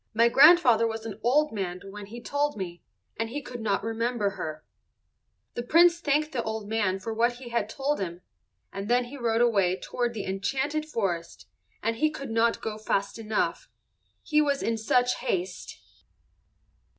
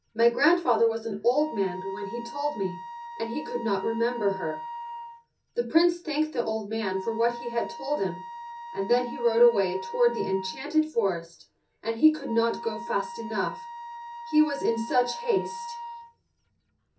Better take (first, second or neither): first